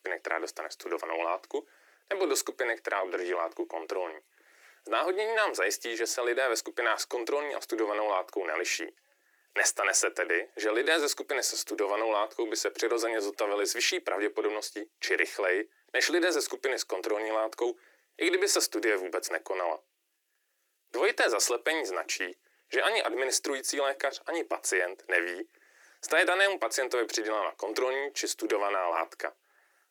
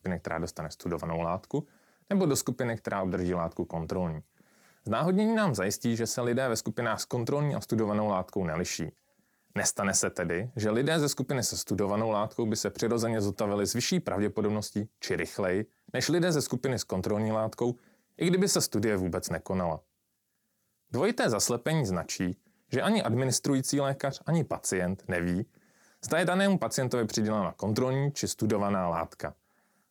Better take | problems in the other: second | thin; very; fading below 300 Hz

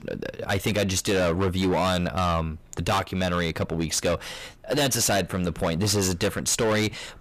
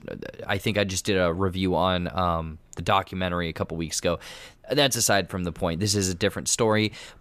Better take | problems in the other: second | distortion; heavy; 19% of the sound clipped

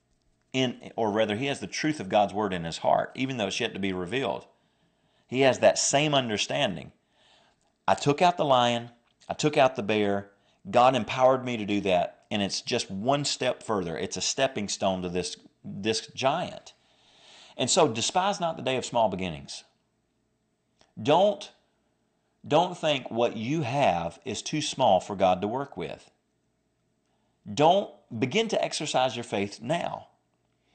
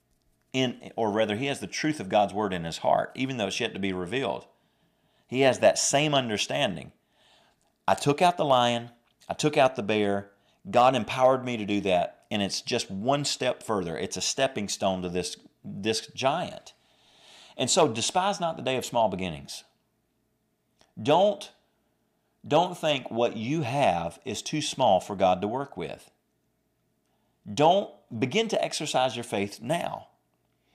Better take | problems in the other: second | garbled, watery; slightly; nothing above 8.5 kHz

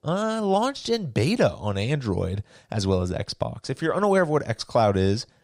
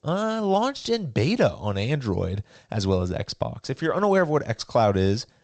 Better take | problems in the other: first | garbled, watery; slightly; nothing above 7.5 kHz

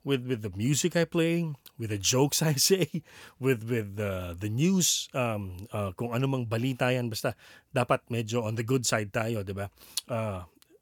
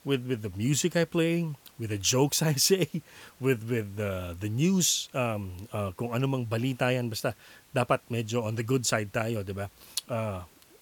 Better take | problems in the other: first | hiss; faint; throughout; 30 dB below the speech

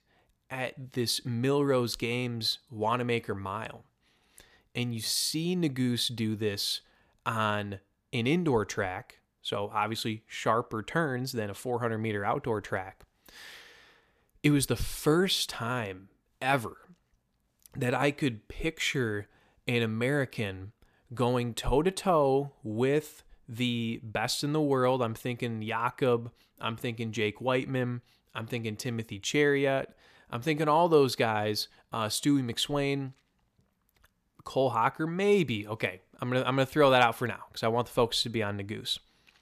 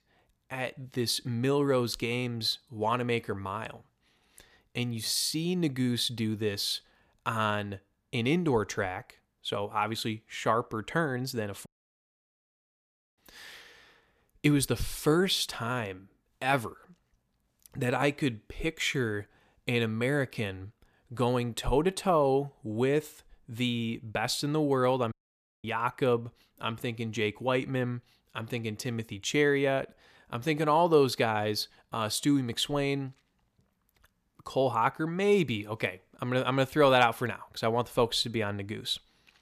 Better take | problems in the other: first | audio cutting out; at 12 s for 1.5 s and at 25 s for 0.5 s

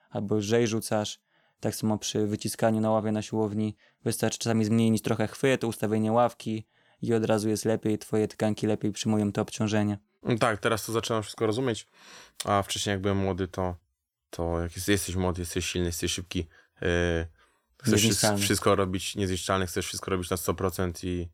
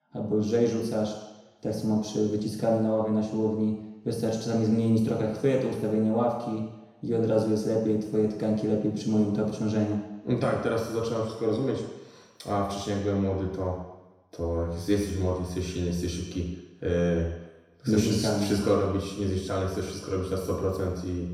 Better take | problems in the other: first | room echo; noticeable; dies away in 1 s // off-mic speech; far

